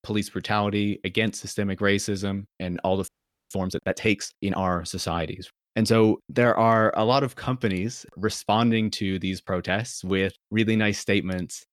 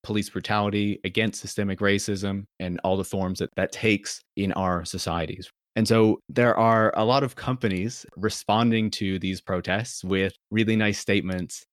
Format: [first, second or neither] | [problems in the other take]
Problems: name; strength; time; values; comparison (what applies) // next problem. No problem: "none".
second | audio freezing; at 3 s